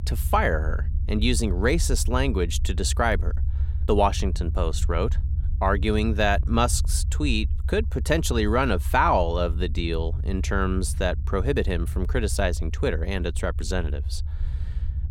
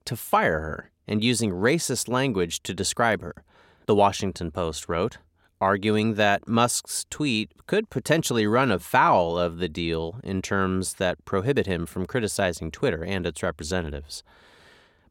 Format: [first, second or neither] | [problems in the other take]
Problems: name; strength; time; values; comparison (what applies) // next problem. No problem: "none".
second | low rumble; faint; throughout; 20 dB below the speech